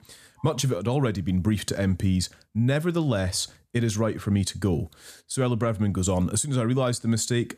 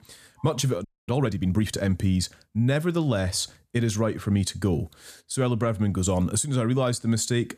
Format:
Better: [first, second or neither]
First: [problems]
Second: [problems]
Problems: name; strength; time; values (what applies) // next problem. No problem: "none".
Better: first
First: none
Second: audio freezing; at 1 s